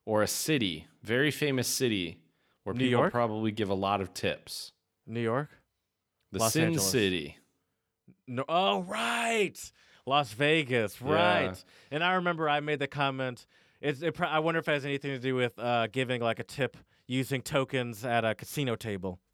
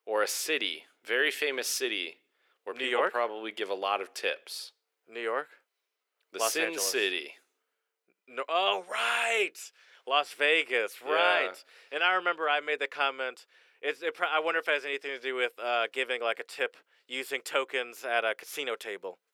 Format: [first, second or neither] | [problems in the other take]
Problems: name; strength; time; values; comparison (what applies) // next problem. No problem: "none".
first | thin; very; fading below 400 Hz